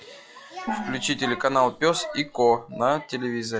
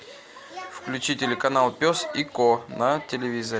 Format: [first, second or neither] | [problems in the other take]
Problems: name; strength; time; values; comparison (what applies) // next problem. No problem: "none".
second | noise reduction (classical method log-MMSE)